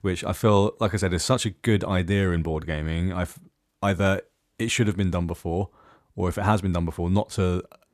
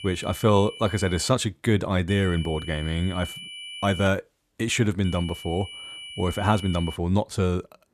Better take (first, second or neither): first